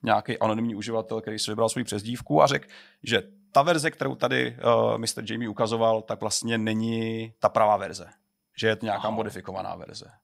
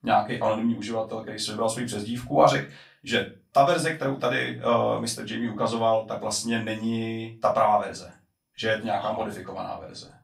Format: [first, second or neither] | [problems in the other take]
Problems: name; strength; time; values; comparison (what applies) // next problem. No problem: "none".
first | off-mic speech; far // room echo; very slight; dies away in 0.2 s